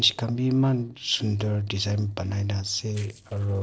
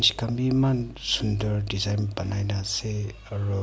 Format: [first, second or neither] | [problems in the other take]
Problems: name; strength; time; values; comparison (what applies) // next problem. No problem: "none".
second | noise reduction (neural separator model SepFormer DNS4)